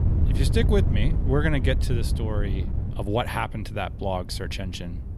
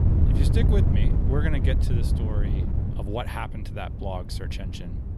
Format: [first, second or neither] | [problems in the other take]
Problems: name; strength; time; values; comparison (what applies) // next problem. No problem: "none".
first | wind noise on the microphone; heavy; 3 dB below the speech; occasional gusts in the first